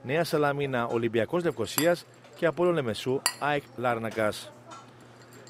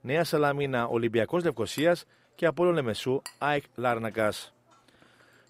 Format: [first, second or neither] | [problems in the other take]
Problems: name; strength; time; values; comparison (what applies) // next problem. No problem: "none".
second | household noises; loud; throughout; 6 dB below the speech; faint in the second